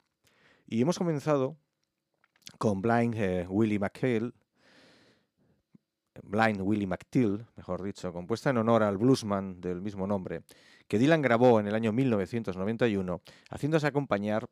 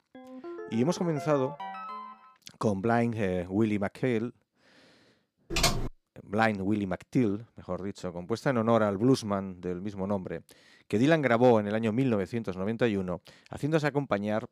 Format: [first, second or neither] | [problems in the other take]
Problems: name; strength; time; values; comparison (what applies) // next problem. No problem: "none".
first | phone ringing; noticeable; until 2.5 s; peak 10 dB below the speech // keyboard typing; loud; at 5.5 s; peak 2 dB above the speech